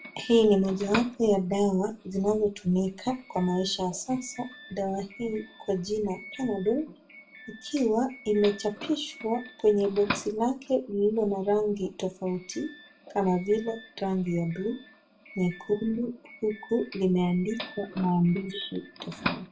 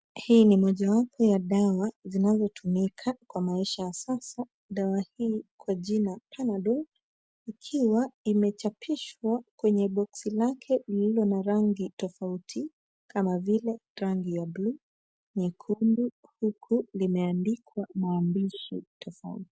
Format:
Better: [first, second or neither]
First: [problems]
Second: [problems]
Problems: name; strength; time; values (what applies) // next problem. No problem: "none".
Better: second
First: background sound (Doorbell); 15 dB below the speech // room echo; dies away in 0.2 s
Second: none